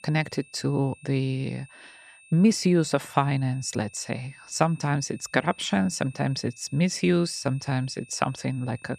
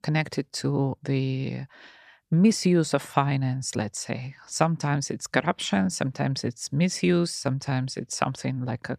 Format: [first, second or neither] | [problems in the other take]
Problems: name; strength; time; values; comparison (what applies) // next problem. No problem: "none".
second | high-pitched whine; faint; throughout; 2.5 kHz, 25 dB below the speech